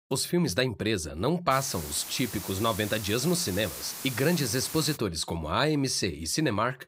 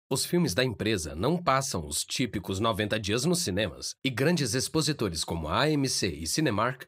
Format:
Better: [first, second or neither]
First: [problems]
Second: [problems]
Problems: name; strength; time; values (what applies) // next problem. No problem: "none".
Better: second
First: hiss; loud; from 1.5 to 5 s; 9 dB below the speech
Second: none